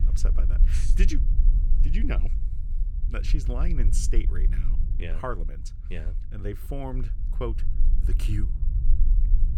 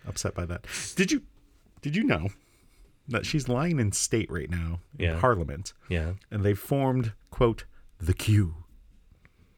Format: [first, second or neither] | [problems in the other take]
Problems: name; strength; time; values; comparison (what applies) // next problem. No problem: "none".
second | low rumble; noticeable; throughout; 10 dB below the speech